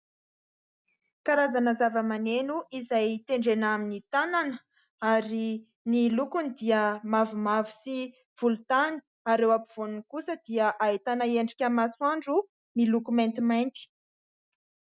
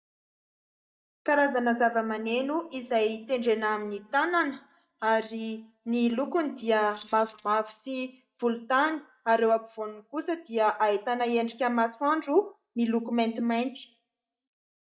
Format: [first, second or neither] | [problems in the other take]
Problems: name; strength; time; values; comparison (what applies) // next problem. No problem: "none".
first | noise reduction (neural mask model DeepFilterNet 3)